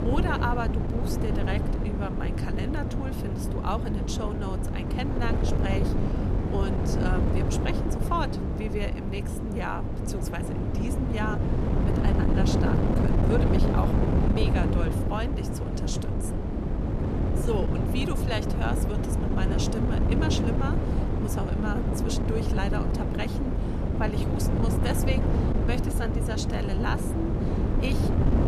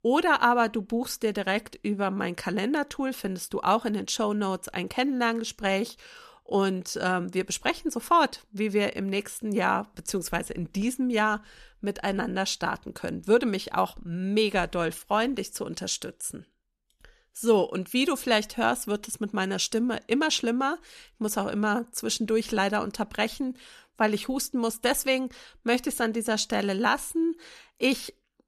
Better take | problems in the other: second | wind noise on the microphone; heavy; as loud as the speech

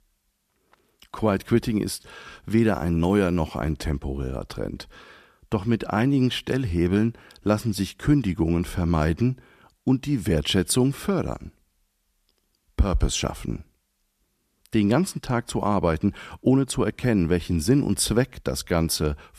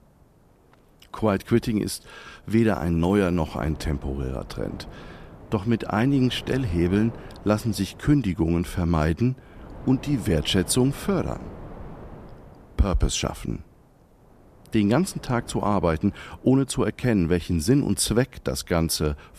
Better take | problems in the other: first | wind noise on the microphone; occasional gusts; 20 dB below the speech

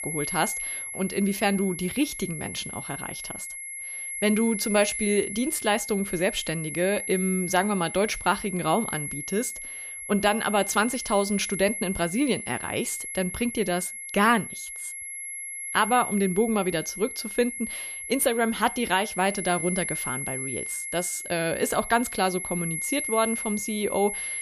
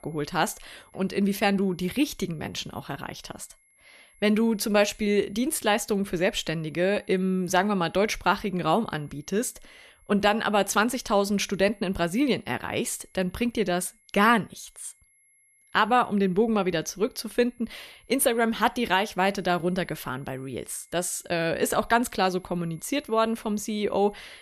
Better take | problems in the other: second | high-pitched whine; loud; throughout; 11 kHz, 6 dB below the speech; faint in the second

